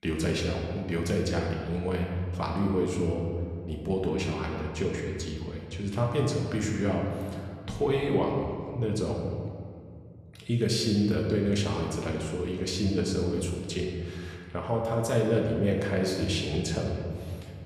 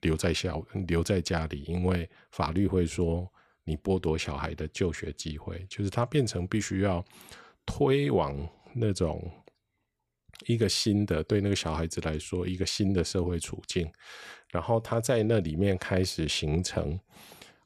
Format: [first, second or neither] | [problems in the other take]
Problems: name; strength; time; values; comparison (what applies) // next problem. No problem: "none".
second | room echo; noticeable; dies away in 1.8 s // off-mic speech; somewhat distant